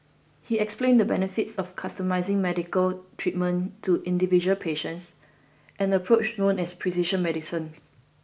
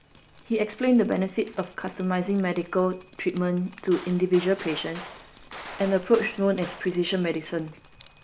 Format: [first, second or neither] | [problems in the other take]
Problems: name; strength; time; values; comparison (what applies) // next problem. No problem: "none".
first | background sound (Gunshot, gunfire + Drip); 19 dB below the speech